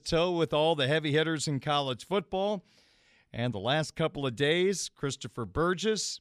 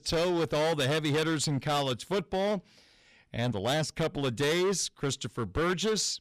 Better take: first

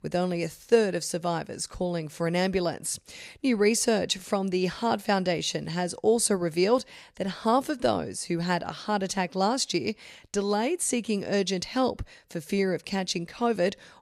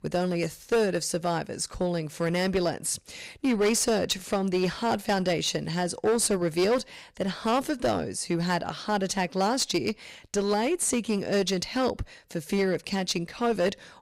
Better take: first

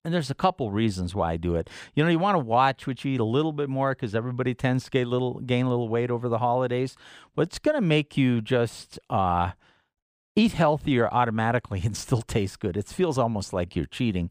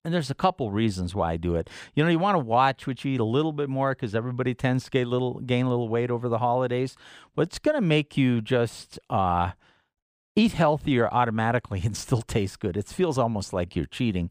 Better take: neither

